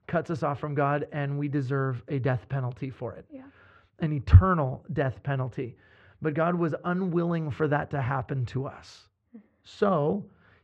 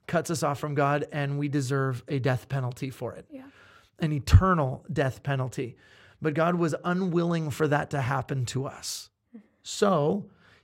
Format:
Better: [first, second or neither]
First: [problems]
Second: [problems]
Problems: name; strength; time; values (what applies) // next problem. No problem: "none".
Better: second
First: muffled; slightly; fading above 2.5 kHz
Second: none